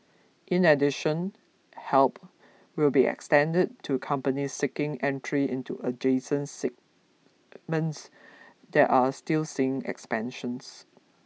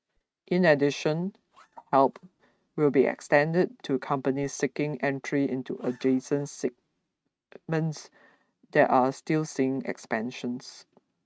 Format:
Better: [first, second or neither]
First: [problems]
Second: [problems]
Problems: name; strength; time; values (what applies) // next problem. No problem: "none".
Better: first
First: none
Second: noise reduction (neural mask model RNNoise)